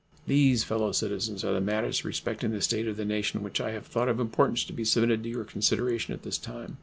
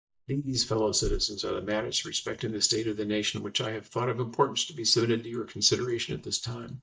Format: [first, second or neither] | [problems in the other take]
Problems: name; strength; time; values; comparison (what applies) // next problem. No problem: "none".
first | noise reduction (neural mask model DeepFilterNet 3)